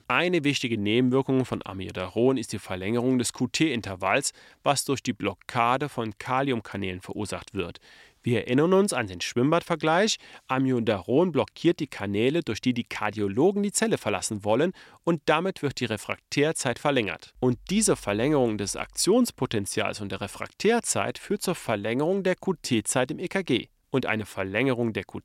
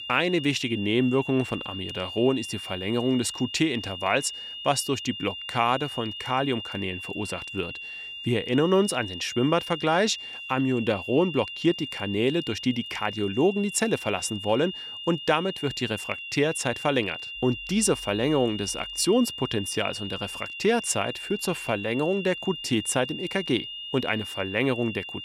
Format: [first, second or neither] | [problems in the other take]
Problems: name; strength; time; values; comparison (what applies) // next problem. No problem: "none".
first | high-pitched whine; loud; throughout; 3 kHz, 8 dB below the speech